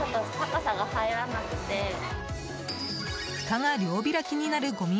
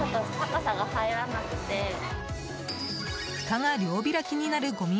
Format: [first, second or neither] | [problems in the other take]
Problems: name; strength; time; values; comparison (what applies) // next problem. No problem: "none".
first | background sound (Acoustic guitar); 15 dB below the speech